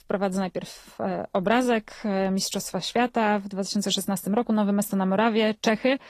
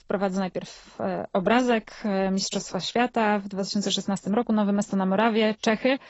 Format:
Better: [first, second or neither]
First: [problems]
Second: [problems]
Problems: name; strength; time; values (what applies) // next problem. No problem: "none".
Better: first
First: garbled, watery; slightly; nothing above 14.5 kHz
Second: garbled, watery; badly; nothing above 8 kHz